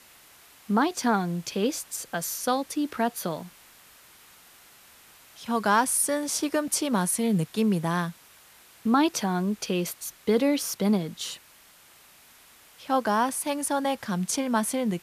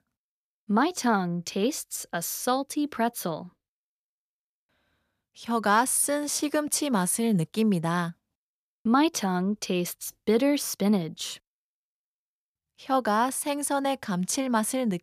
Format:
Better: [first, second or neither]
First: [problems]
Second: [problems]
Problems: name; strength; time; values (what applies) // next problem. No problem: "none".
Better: second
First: hiss; faint; throughout; 25 dB below the speech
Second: none